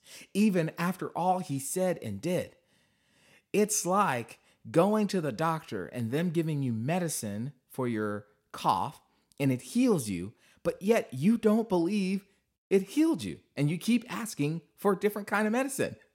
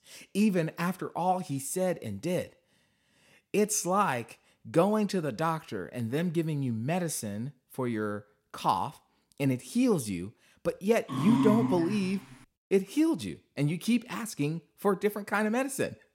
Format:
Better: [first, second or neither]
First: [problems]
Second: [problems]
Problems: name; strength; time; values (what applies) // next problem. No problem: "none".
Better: first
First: none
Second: dog barking; loud; at 11 s; peak 3 dB above the speech